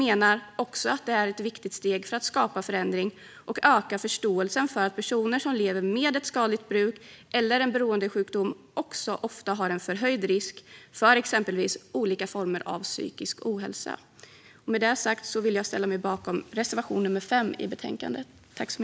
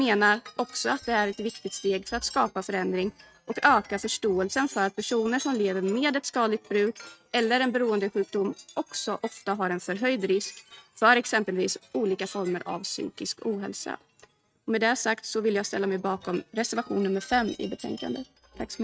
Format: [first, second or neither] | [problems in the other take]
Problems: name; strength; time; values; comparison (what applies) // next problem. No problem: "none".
first | noise reduction (neural mask model RNNoise)